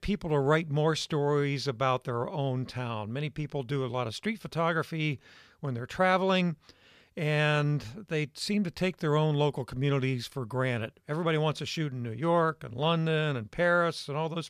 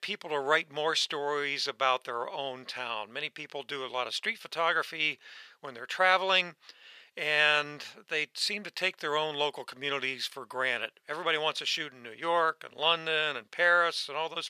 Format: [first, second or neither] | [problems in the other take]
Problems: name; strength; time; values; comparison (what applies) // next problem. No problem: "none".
first | thin; very; fading below 600 Hz